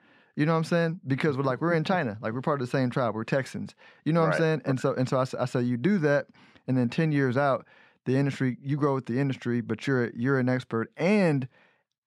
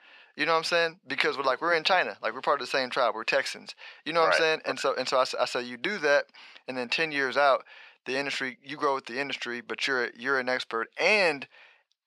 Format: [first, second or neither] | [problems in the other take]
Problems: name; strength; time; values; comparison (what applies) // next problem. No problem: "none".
first | thin; very; fading below 700 Hz